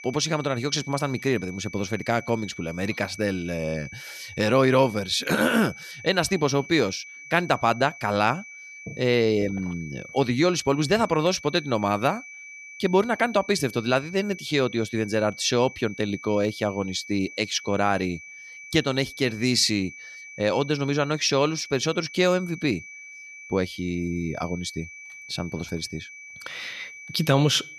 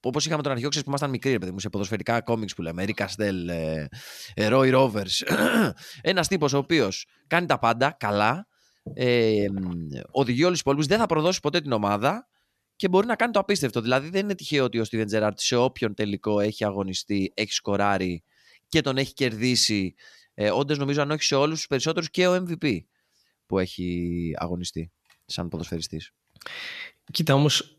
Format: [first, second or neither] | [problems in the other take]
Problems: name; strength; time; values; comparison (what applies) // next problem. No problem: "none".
second | high-pitched whine; noticeable; throughout; 2.5 kHz, 15 dB below the speech